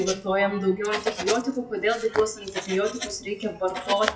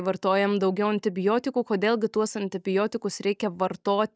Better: second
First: noise reduction (classical method WPE with log-MMSE)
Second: none

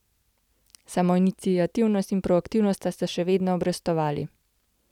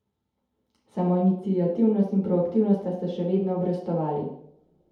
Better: first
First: none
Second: room echo; dies away in 0.8 s

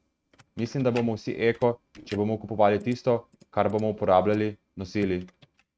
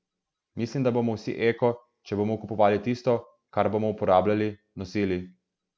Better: second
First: noise reduction (neural mask model RNNoise)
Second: none

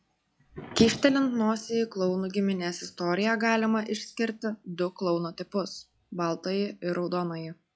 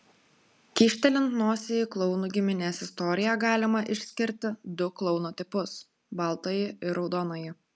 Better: second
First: noise reduction (classical method log-MMSE)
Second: none

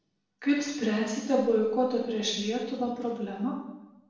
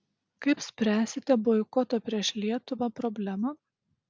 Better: second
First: room echo; dies away in 0.9 s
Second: none

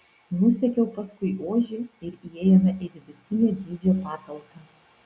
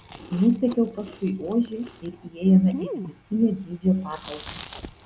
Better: first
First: none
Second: background sound (Chewing, mastication); 15 dB below the speech

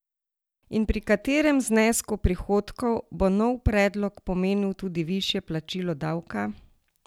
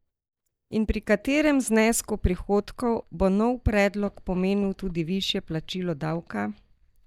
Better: first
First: none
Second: noise reduction (neural mask model DeepFilterNet 3)

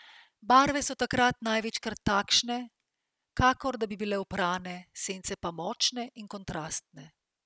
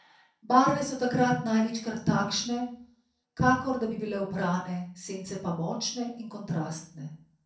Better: first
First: none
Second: room echo; dies away in 0.6 s

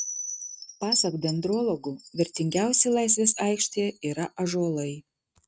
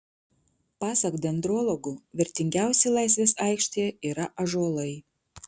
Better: second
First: noise reduction (neural mask model RNNoise)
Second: none

